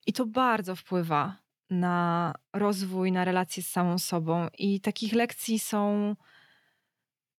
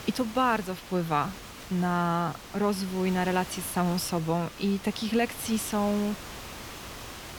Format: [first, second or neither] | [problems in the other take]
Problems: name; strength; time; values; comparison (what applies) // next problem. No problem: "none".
first | hiss; noticeable; throughout; 15 dB below the speech